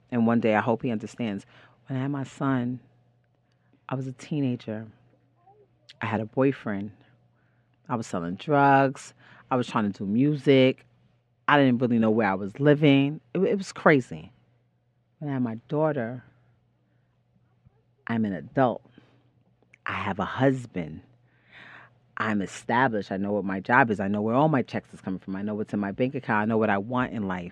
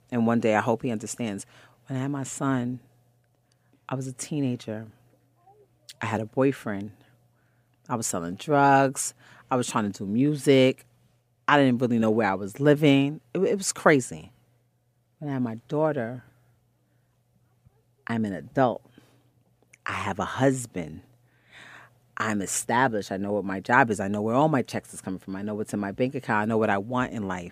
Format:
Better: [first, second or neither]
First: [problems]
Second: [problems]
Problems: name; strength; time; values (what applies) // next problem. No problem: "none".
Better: second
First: muffled; slightly; fading above 3 kHz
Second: none